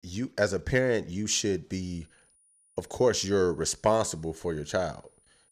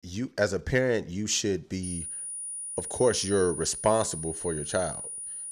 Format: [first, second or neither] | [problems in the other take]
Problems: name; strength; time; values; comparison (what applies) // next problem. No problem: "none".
first | high-pitched whine; loud; from 2 s on; 9.5 kHz, 6 dB below the speech; faint in the first